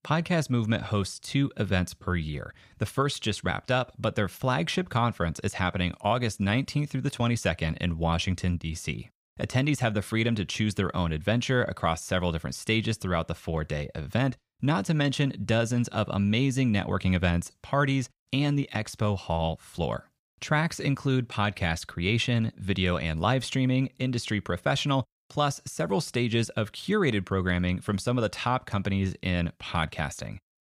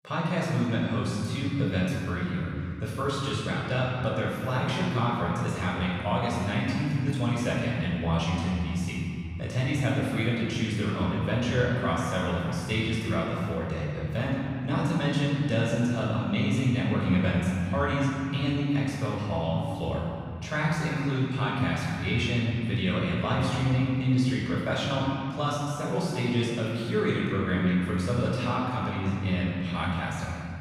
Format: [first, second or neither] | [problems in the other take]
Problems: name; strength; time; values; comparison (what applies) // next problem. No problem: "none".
first | off-mic speech; far // room echo; strong; dies away in 2.5 s